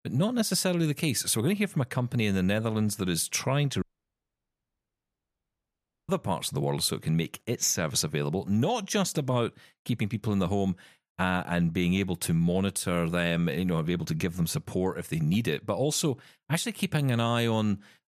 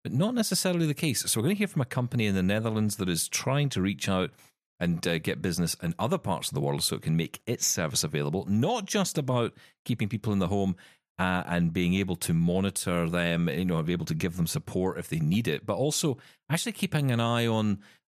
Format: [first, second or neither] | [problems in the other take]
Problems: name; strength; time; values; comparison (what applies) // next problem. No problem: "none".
second | audio cutting out; at 4 s for 2.5 s